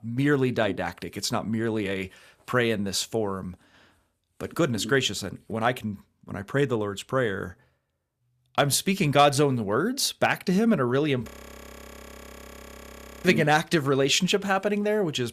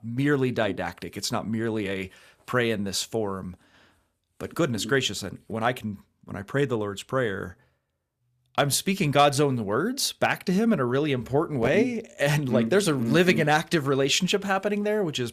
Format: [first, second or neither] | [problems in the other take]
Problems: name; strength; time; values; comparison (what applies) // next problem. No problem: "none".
second | audio freezing; at 11 s for 2 s